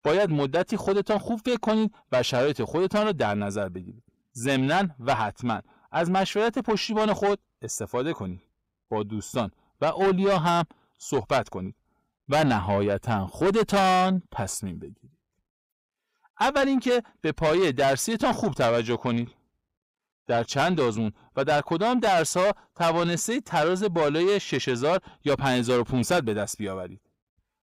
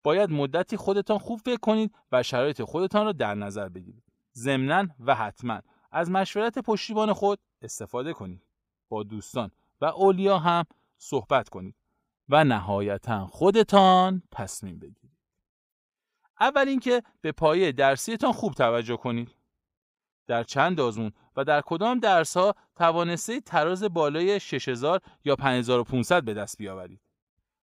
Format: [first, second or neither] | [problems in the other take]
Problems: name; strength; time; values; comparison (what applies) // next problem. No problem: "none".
second | distortion; heavy; 8 dB below the speech